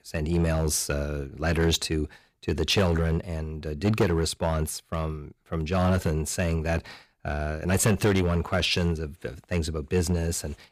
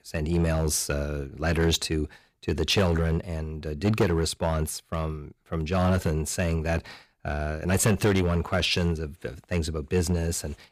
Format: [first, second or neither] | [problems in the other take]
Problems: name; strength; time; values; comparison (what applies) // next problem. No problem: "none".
neither | distortion; slight; 4% of the sound clipped; the same in both